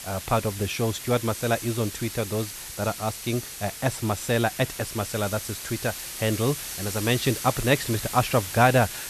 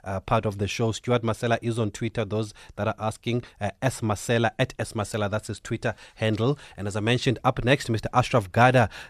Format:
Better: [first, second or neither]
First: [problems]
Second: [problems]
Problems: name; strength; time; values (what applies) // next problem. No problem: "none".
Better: second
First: hiss; loud; throughout; 8 dB below the speech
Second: none